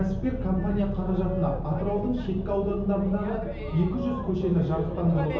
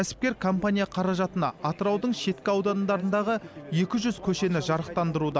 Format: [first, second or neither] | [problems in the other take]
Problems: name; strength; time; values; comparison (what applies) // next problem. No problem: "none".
second | background sound (Boat, Water vehicle); 6 dB below the speech // room echo; dies away in 0.7 s